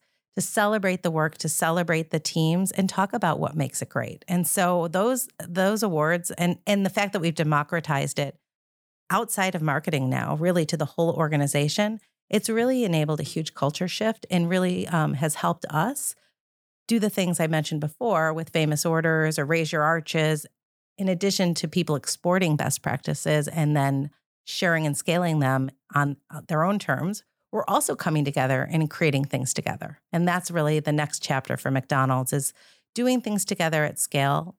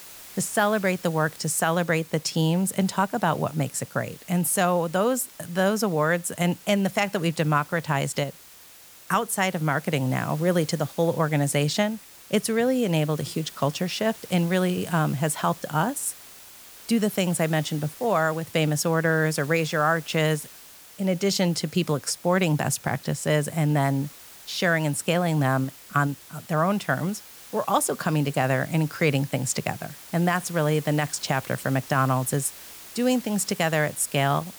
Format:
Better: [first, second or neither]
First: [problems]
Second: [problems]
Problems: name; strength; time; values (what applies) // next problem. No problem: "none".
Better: first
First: none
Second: hiss; noticeable; throughout; 20 dB below the speech